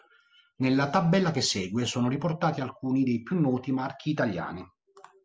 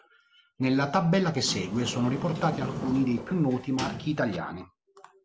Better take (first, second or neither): first